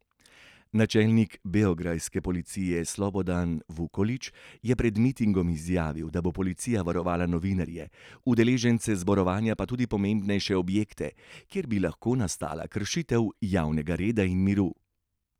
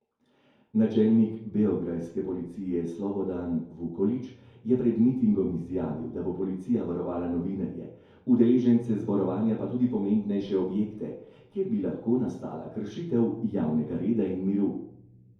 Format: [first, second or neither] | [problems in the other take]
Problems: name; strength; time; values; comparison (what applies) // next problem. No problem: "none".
first | room echo; dies away in 2.3 s